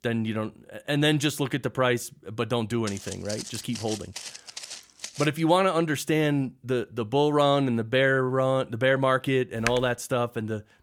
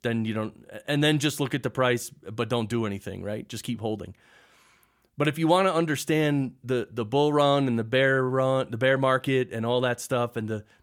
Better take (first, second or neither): second